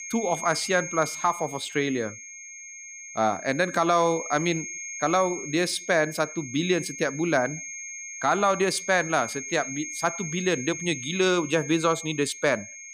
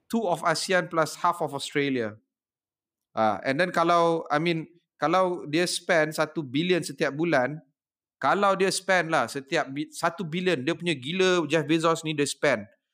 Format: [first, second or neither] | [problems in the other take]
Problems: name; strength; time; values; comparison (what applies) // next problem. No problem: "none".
second | high-pitched whine; loud; throughout; 6.5 kHz, 10 dB below the speech